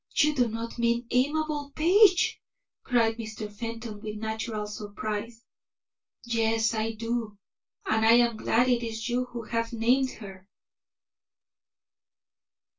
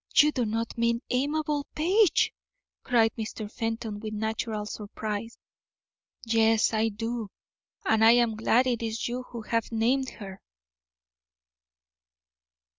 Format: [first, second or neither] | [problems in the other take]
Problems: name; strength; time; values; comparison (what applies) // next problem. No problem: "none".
second | room echo; dies away in 0.1 s